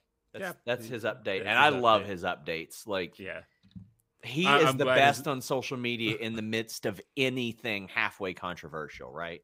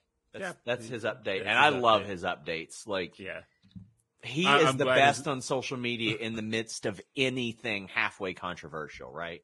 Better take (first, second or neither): first